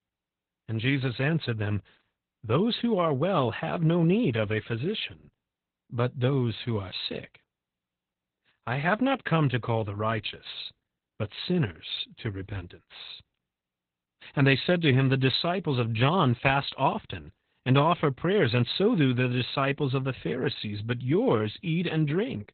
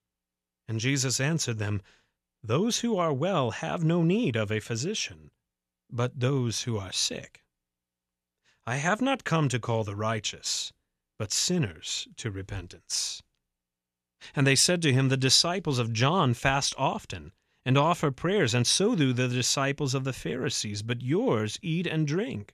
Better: second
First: garbled, watery; badly; nothing above 4 kHz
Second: none

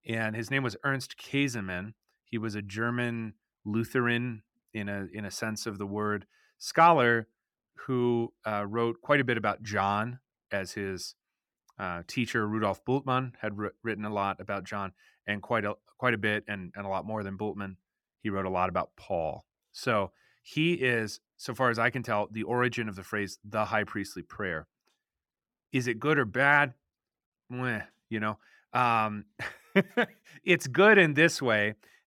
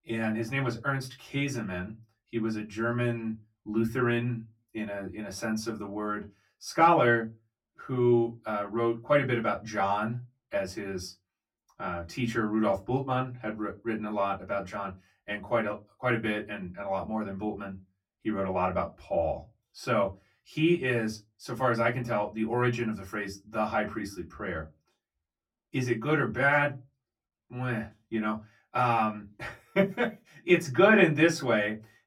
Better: first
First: none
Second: off-mic speech; far // room echo; very slight; dies away in 0.2 s

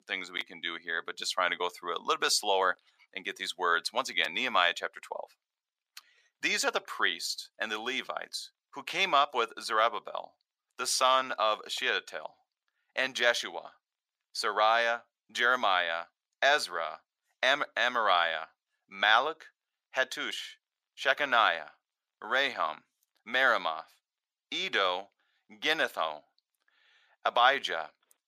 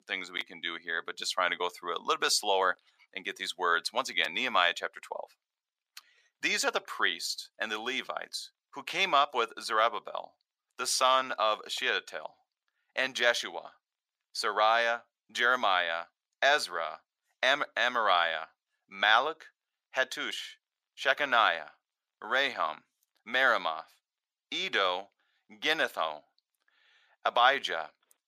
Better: neither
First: thin; very; fading below 900 Hz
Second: thin; very; fading below 900 Hz

